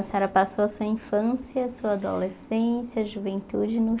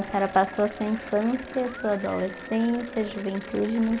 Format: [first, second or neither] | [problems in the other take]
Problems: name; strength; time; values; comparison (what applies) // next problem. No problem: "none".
first | background sound (Applause / Cheering); 13 dB below the speech